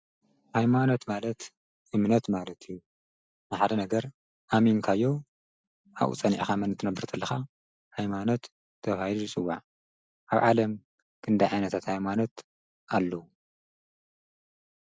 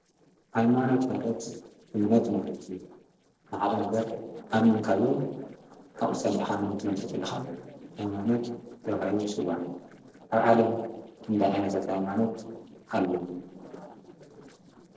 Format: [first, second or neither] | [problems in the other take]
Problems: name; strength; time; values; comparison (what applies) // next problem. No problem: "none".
first | noise reduction (neural separator model SepFormer DNS4)